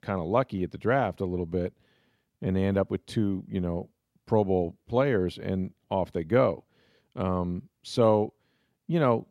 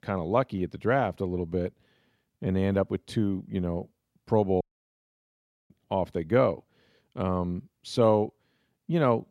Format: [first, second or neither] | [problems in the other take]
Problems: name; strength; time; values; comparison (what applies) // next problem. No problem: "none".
first | audio cutting out; at 4.5 s for 1 s